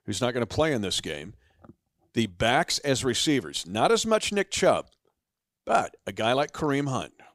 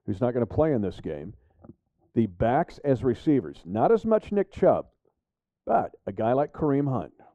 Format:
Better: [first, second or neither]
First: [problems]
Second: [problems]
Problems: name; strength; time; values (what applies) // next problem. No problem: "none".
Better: first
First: none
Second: muffled; very; fading above 2 kHz